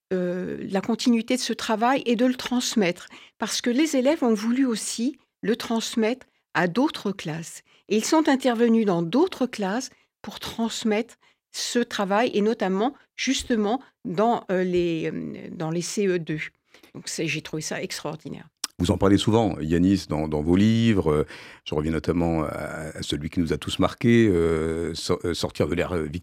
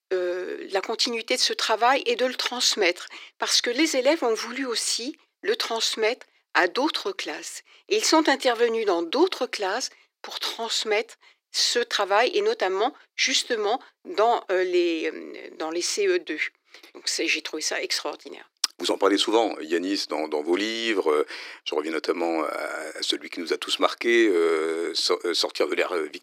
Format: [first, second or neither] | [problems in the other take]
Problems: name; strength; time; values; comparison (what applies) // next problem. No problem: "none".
first | thin; very; fading below 350 Hz